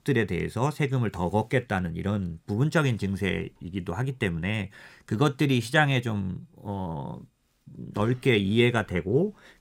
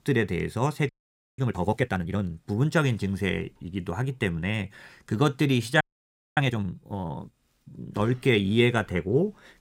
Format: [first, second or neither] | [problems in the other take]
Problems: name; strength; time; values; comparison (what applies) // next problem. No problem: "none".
first | audio freezing; at 1 s and at 6 s for 0.5 s